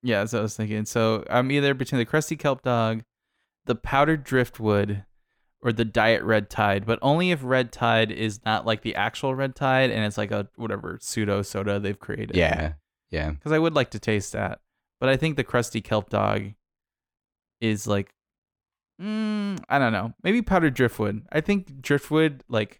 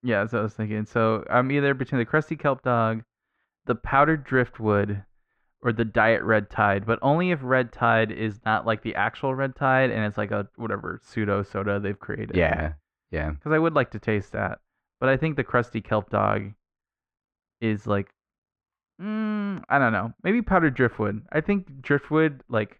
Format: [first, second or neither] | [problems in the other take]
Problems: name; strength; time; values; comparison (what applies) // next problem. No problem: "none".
first | muffled; very; fading above 2 kHz